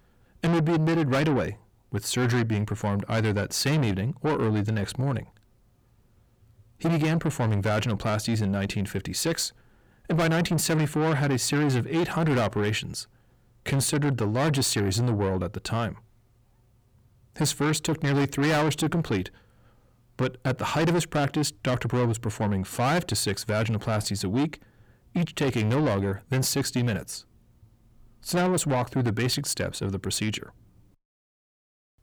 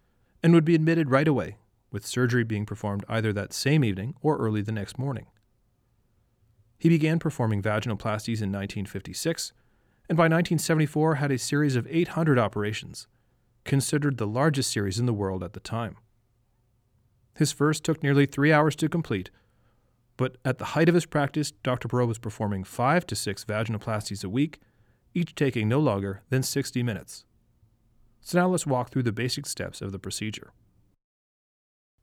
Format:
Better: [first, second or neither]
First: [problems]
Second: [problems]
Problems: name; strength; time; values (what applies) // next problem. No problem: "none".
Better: second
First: distortion; heavy; 7 dB below the speech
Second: none